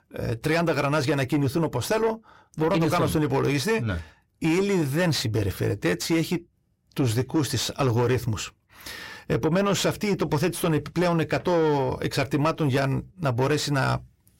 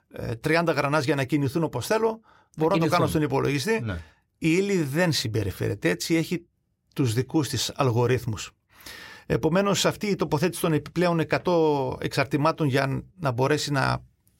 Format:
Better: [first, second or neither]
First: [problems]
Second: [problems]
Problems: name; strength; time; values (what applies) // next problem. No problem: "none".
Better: second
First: distortion; slight; 10 dB below the speech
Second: none